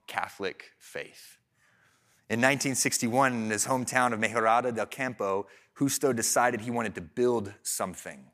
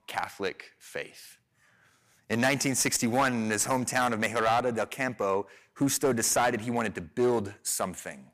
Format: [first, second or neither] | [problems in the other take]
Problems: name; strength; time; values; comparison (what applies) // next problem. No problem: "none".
first | distortion; slight; 4% of the sound clipped